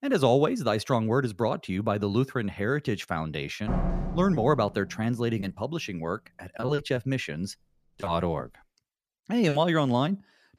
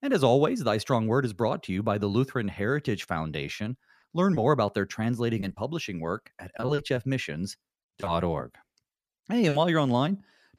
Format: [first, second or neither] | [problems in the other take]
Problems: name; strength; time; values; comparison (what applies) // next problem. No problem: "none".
second | door banging; noticeable; from 3.5 to 5 s; peak 2 dB below the speech